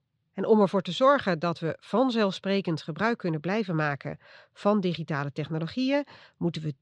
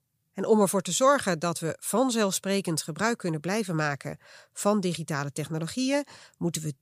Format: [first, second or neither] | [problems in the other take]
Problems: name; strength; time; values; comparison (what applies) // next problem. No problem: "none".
second | muffled; slightly; fading above 4 kHz